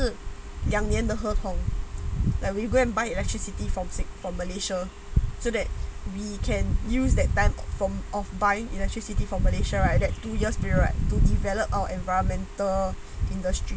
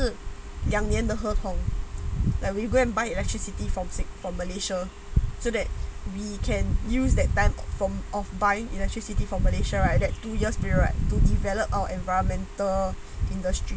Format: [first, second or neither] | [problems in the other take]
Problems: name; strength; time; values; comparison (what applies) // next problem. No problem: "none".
second | background sound (Motorcycle / Engine); 16 dB below the speech